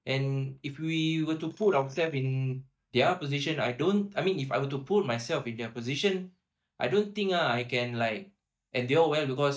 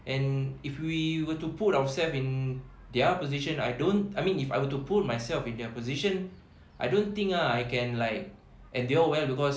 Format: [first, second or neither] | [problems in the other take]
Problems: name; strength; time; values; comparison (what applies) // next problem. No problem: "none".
second | noise reduction (neural mask model DeepFilterNet 3)